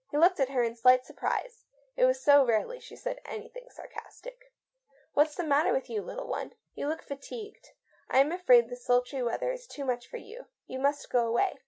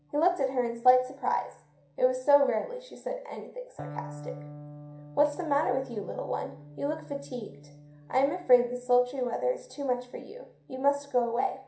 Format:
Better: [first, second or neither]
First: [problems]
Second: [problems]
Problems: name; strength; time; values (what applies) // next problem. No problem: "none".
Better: first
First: none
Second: background sound (Electric guitar); 19 dB below the speech // room echo; dies away in 0.5 s